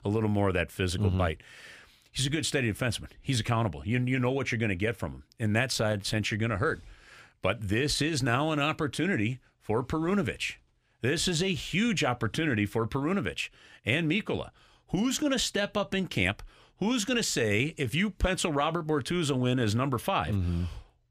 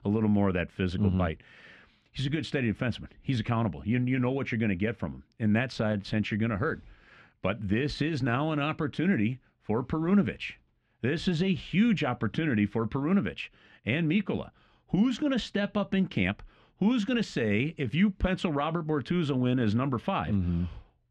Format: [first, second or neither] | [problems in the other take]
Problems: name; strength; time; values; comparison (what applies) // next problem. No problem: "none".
first | muffled; slightly; fading above 3 kHz